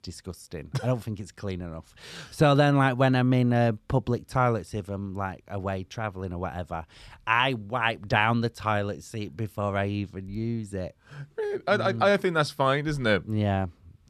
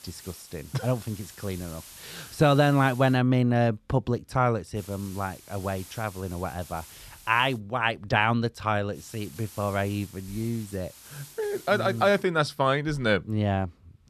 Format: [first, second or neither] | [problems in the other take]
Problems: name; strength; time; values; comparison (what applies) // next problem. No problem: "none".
first | hiss; noticeable; until 3 s, from 5 to 7.5 s and from 9 to 12 s; 20 dB below the speech